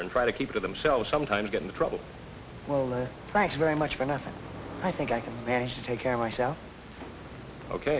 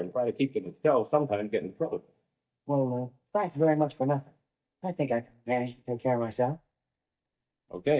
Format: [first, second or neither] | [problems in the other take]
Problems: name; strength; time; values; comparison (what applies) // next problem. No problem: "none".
first | noise reduction (neural mask model DeepFilterNet 3)